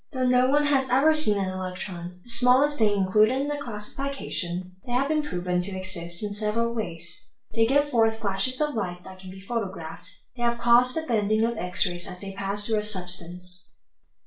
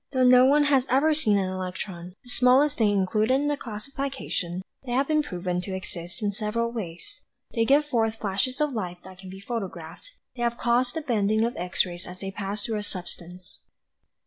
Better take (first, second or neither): second